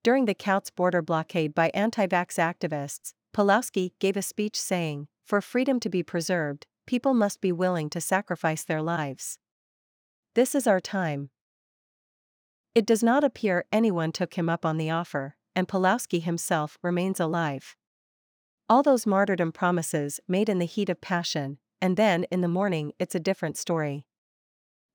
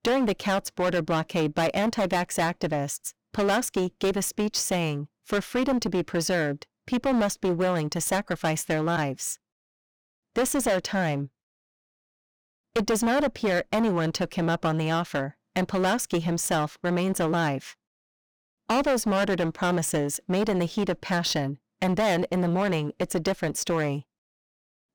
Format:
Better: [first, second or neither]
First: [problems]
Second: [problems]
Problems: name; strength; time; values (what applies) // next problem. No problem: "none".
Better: first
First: none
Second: distortion; heavy; 15% of the sound clipped